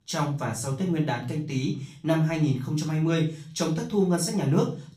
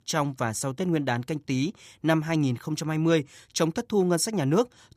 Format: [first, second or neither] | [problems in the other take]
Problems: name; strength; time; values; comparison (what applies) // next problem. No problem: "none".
second | room echo; slight; dies away in 0.4 s // off-mic speech; far